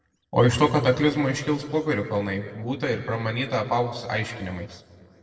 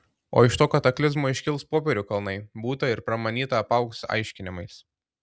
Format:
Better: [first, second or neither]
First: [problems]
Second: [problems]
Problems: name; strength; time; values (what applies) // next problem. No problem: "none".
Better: second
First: noise reduction (neural separator model SepFormer DNS4)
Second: none